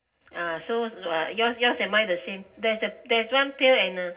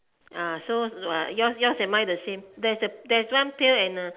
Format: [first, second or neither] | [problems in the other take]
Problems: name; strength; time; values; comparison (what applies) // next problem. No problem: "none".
second | room echo; dies away in 0.4 s